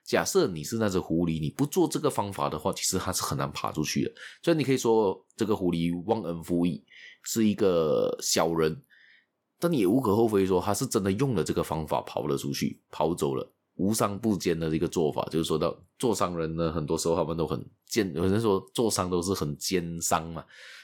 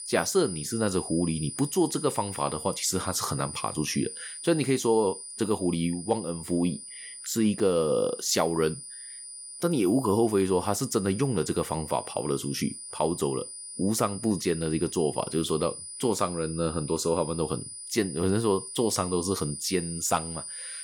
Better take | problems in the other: first | high-pitched whine; loud; throughout; 9.5 kHz, 10 dB below the speech

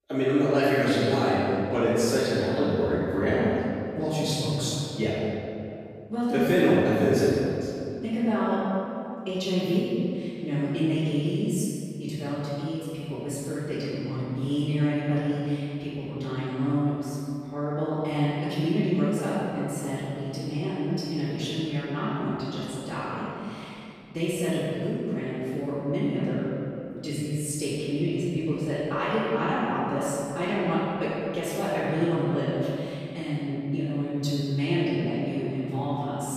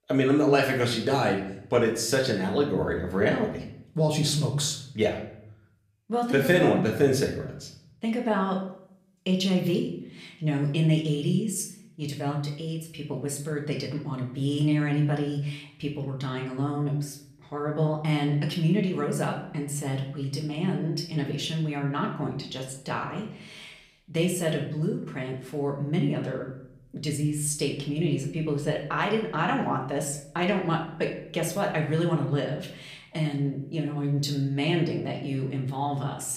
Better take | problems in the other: second | room echo; strong; dies away in 2.5 s; slight in the second // off-mic speech; far; somewhat distant in the second

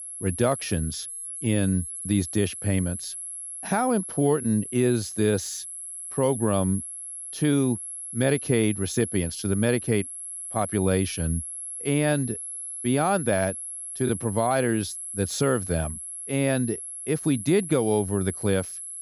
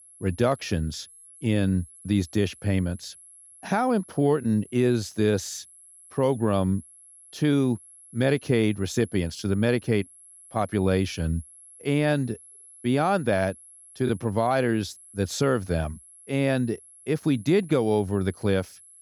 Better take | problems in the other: second | high-pitched whine; loud; throughout; 11 kHz, 7 dB below the speech; faint in the second

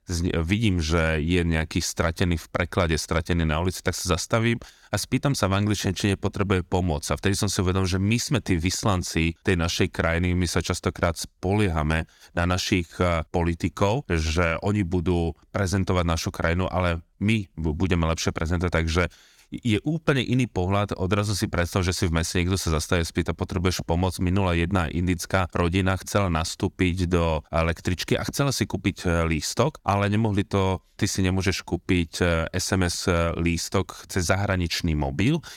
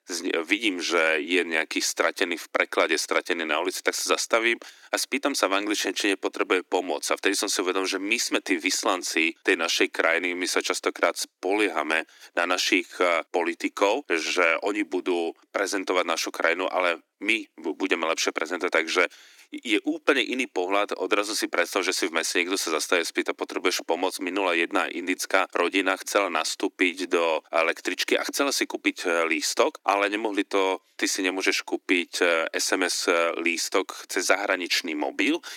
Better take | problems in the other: first | thin; somewhat; fading below 300 Hz

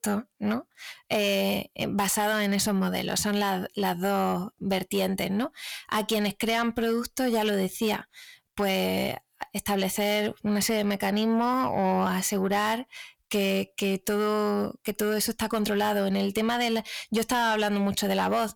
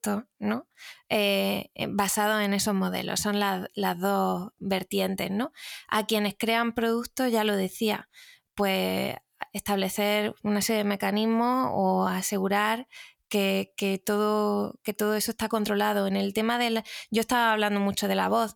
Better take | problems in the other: second | distortion; slight; 10 dB below the speech

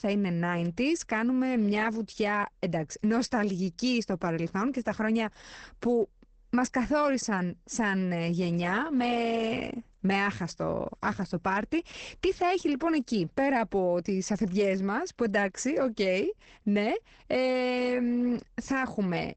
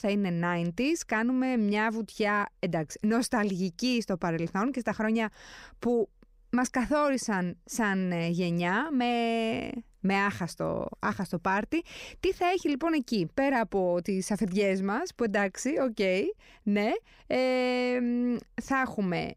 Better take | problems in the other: second | garbled, watery; badly; nothing above 8 kHz

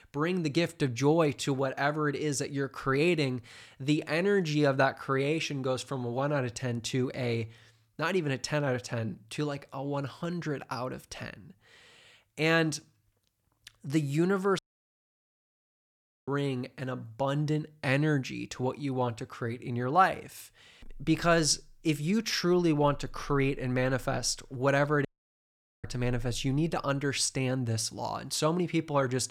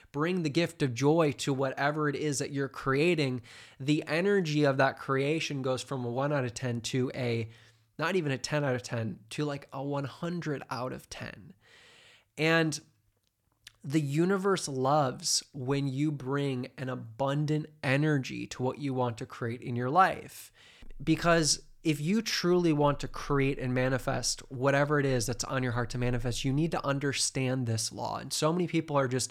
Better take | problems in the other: second | audio cutting out; at 15 s for 1.5 s and at 25 s for 1 s

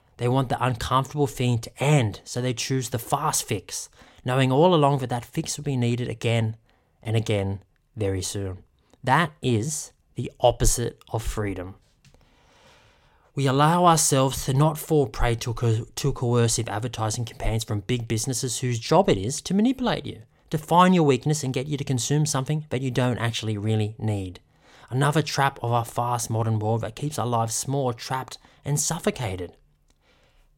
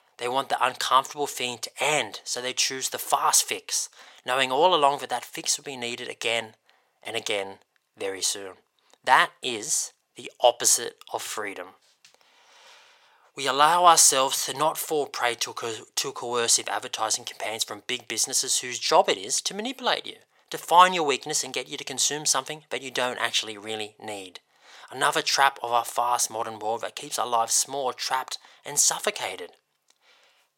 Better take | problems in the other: first | thin; very; fading below 650 Hz

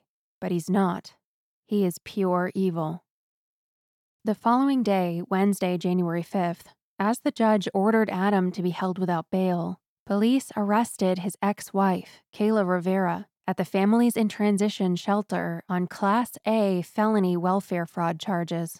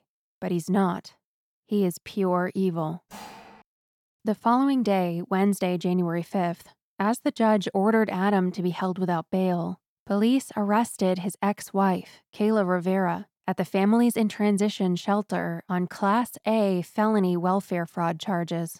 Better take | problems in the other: first | clattering dishes; faint; at 3 s; peak 15 dB below the speech

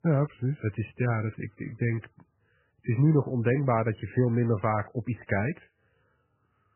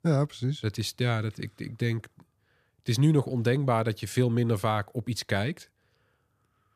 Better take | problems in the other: second | garbled, watery; badly; nothing above 2.5 kHz

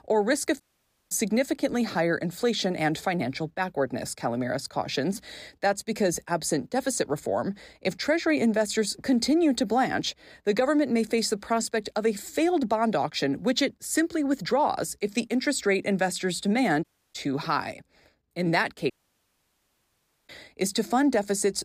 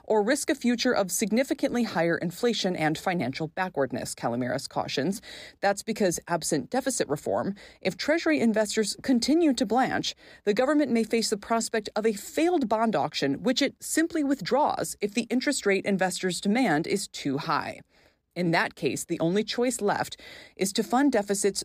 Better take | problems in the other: second | audio cutting out; at 0.5 s for 0.5 s, at 17 s and at 19 s for 1.5 s

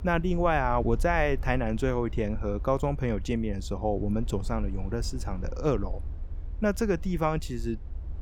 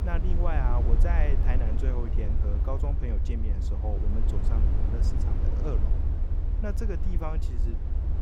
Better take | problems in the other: first | low rumble; loud; throughout; 4 dB below the speech; faint in the first

